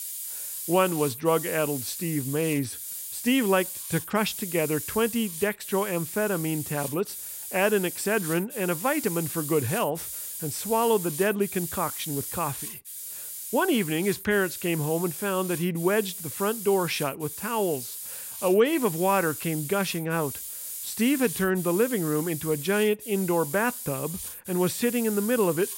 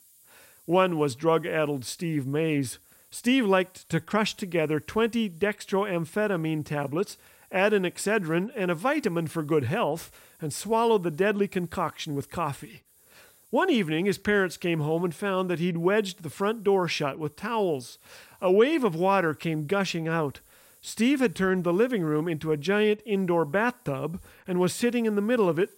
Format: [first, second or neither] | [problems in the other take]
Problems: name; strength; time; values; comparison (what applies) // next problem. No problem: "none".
second | hiss; loud; throughout; 7 dB below the speech; faint in the second